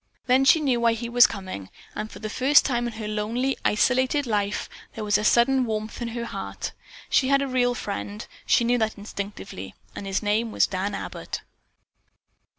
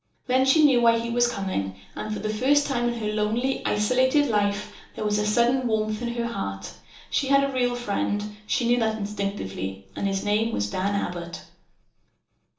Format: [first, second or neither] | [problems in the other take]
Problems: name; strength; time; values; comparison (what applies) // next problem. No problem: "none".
first | room echo; dies away in 1.2 s